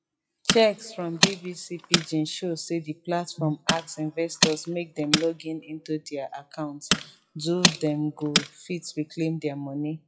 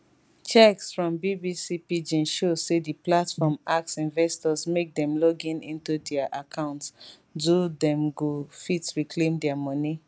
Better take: second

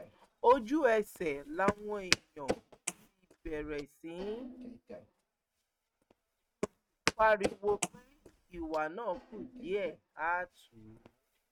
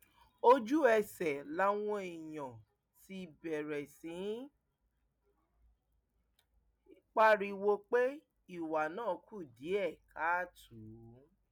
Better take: second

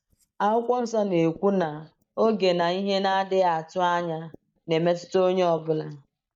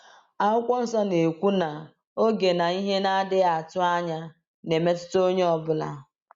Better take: second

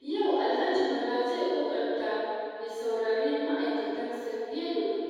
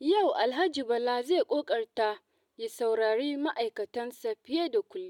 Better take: second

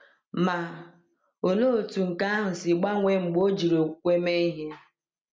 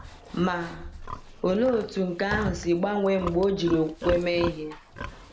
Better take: first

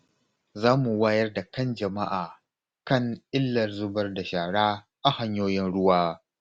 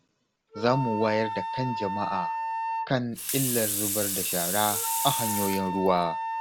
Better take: first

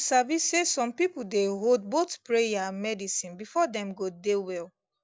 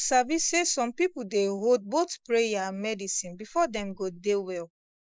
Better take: first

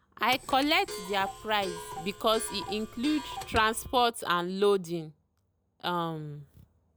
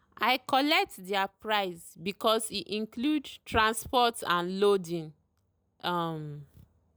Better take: second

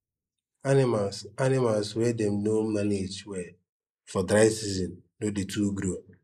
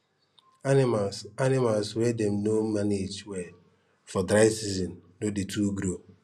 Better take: second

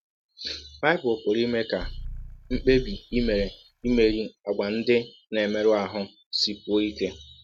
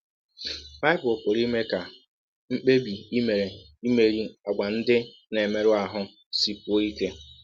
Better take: second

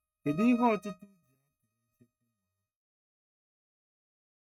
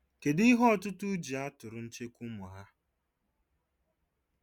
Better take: second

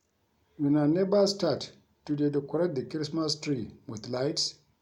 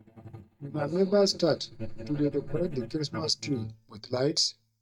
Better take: first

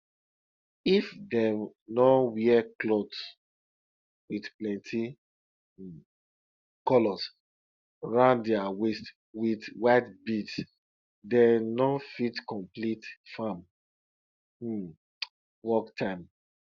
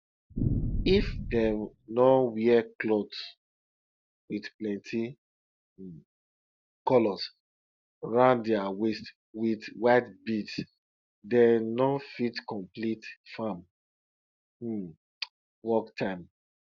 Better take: first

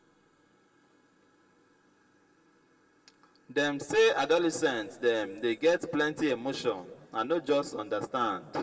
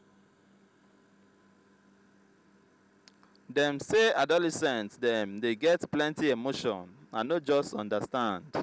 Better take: second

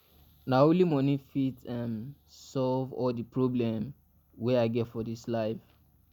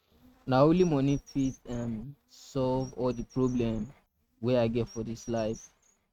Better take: first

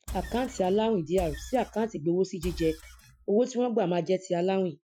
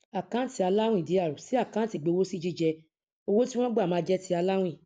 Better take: second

